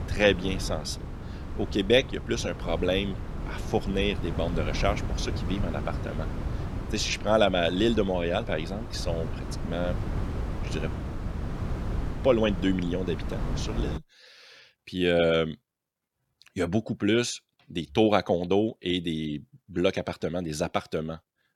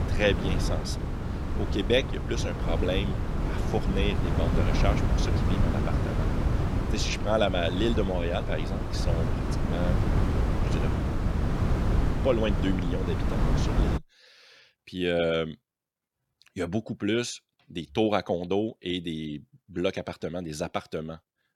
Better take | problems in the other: first | wind noise on the microphone; heavy; until 14 s; 4 dB below the speech; occasional gusts in the first

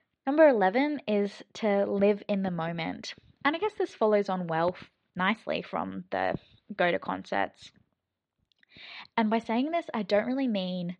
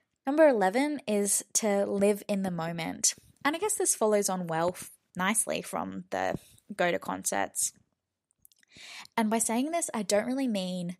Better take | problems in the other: second | muffled; very; fading above 4 kHz

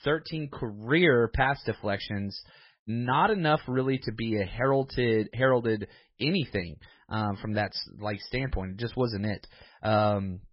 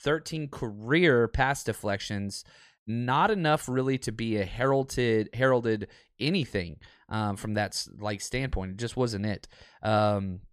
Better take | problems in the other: second | garbled, watery; badly; nothing above 5.5 kHz

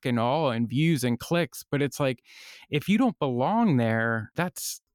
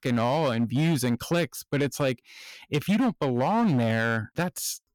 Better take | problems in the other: first | distortion; slight; 11% of the sound clipped

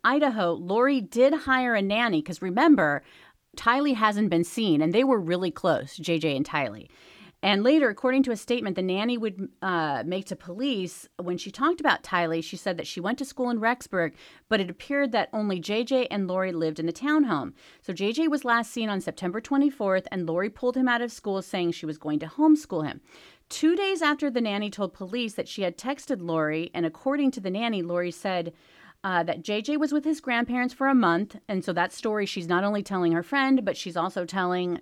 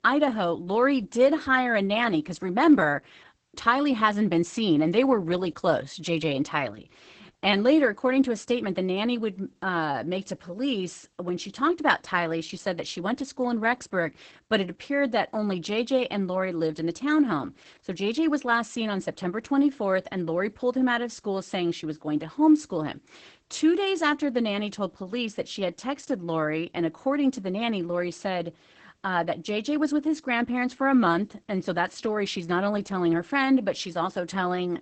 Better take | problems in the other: first | garbled, watery; badly; nothing above 8 kHz

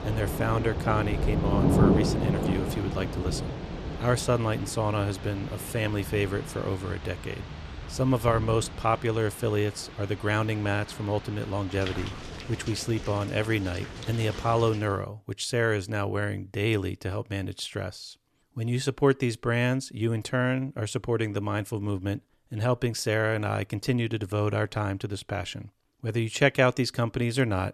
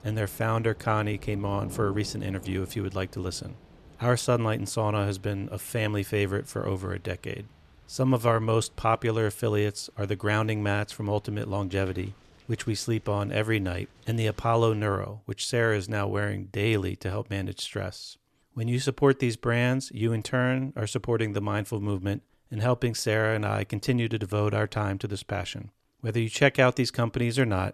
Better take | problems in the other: second | rain or running water; loud; until 15 s; 4 dB below the speech; faint in the second

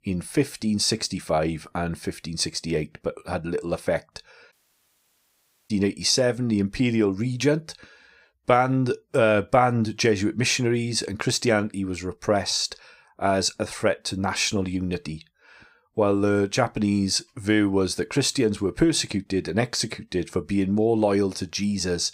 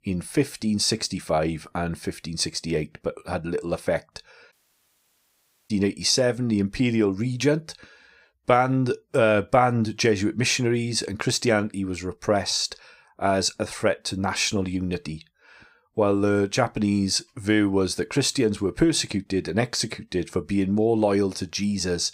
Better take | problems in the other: neither | audio cutting out; at 4.5 s for 1 s; the same in both

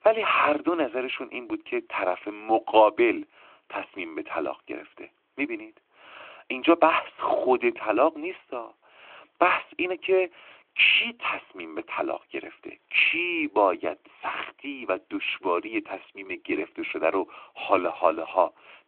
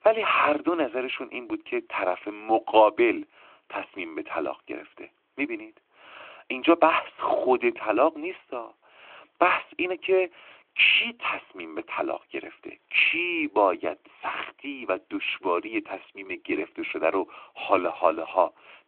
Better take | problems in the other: neither | phone-call audio; the same in both

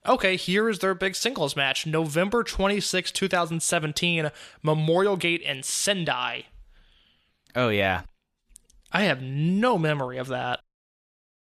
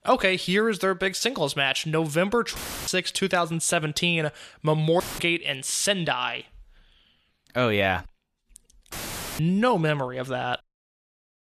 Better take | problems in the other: first | audio cutting out; filled with static; at 2.5 s, at 5 s and at 9 s

